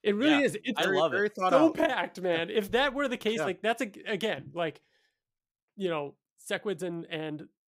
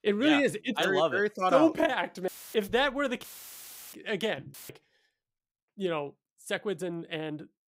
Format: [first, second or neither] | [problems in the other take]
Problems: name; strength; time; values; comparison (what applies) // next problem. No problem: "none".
first | audio cutting out; filled with static; at 2.5 s, at 3 s for 0.5 s and at 4.5 s